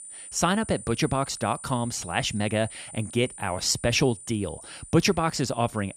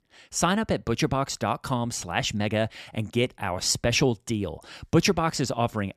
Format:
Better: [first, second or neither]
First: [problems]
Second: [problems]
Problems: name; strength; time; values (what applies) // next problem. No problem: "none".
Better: second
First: high-pitched whine; noticeable; throughout; 9 kHz, 15 dB below the speech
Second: none